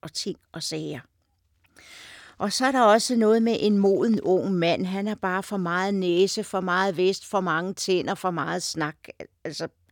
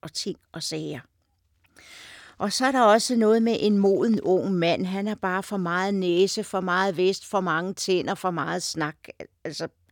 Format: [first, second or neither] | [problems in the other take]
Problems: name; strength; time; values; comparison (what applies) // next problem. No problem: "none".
neither | none